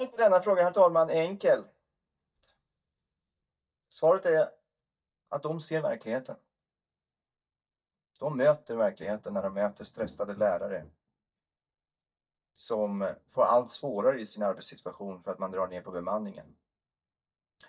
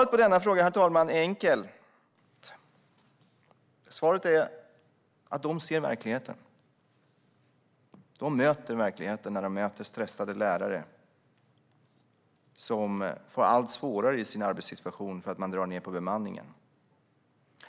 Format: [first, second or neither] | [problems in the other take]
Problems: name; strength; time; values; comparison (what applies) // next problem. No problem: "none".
second | noise reduction (neural mask model DeepFilterNet 3)